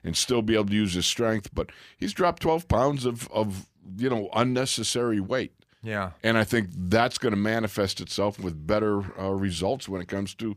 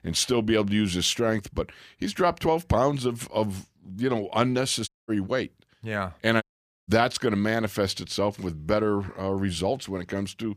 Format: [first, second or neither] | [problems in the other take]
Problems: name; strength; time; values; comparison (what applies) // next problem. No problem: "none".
first | audio cutting out; at 5 s and at 6.5 s